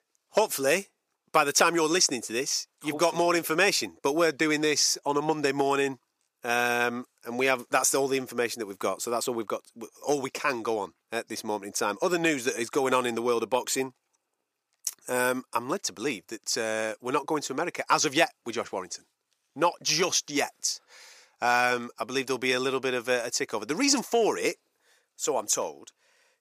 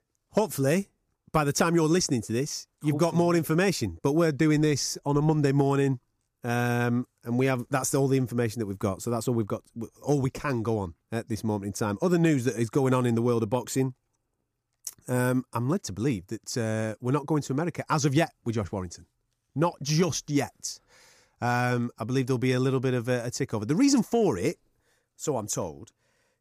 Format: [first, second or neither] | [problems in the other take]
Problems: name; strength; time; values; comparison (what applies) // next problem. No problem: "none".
second | thin; somewhat; fading below 500 Hz